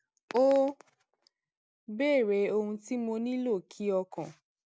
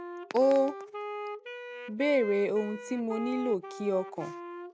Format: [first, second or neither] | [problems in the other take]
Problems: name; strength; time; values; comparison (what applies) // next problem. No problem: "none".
first | background sound (Wind instrument, woodwind instrument); 11 dB below the speech